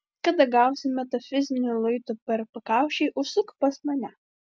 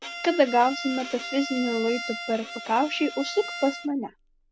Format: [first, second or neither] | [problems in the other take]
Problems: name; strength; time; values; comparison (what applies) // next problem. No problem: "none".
first | background sound (Bowed string instrument); 10 dB below the speech